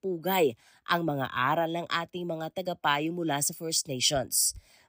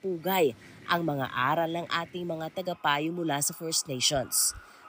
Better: first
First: none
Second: animal sounds; faint; throughout; 25 dB below the speech

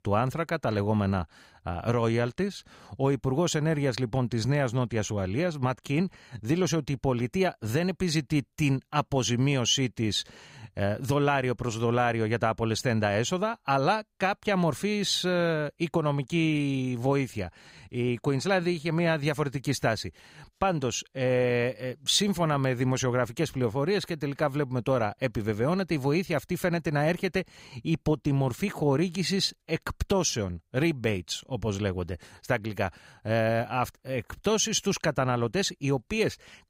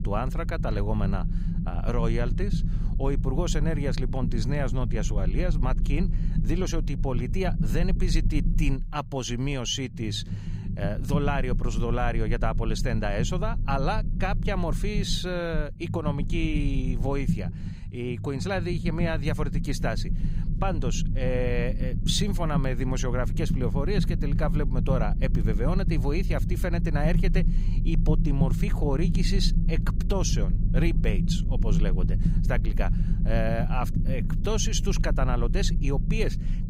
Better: first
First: none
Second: low rumble; loud; throughout; 9 dB below the speech

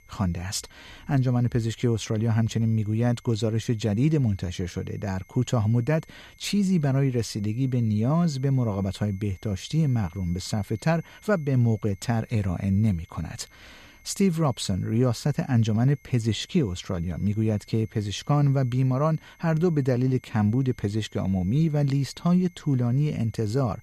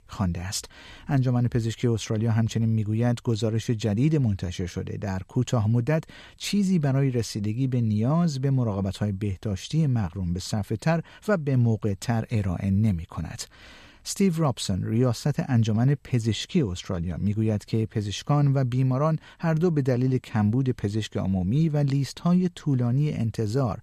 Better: second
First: high-pitched whine; faint; throughout; 2 kHz, 30 dB below the speech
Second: none

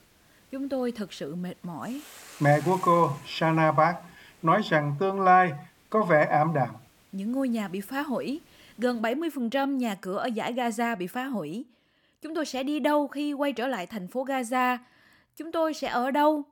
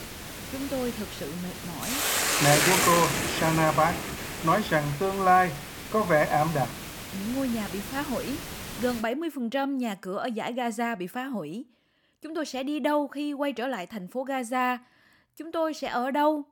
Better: first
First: hiss; faint; until 9 s; 25 dB below the speech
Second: hiss; loud; until 9 s; 2 dB below the speech

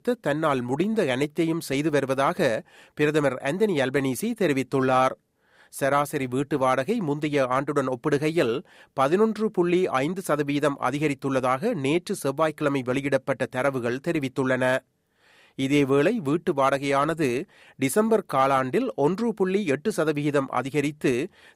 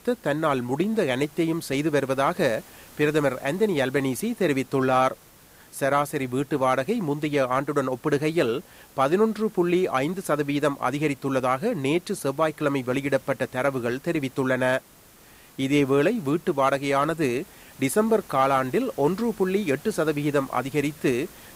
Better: first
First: none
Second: hiss; faint; throughout; 25 dB below the speech

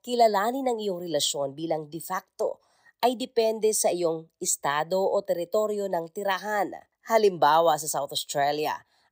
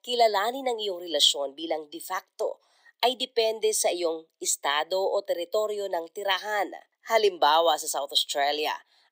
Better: first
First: none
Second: thin; somewhat; fading below 300 Hz

